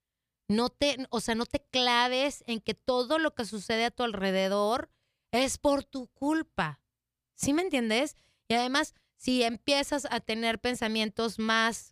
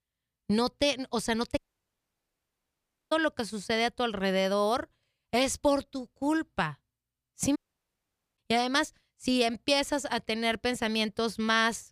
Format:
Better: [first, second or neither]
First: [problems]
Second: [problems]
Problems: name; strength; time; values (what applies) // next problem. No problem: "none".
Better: first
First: none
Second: audio cutting out; at 1.5 s for 1.5 s and at 7.5 s for 1 s